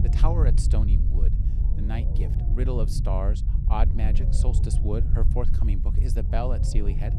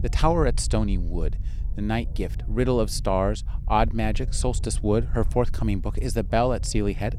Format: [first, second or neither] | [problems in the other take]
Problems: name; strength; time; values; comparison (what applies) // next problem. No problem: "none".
second | low rumble; loud; throughout; 6 dB below the speech; faint in the second